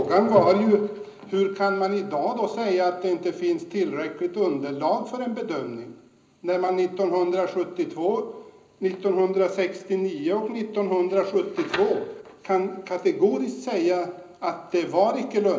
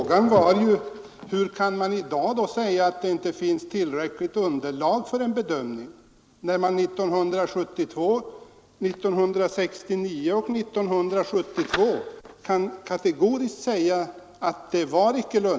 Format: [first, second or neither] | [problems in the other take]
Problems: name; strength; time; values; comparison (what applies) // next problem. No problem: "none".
second | room echo; dies away in 0.5 s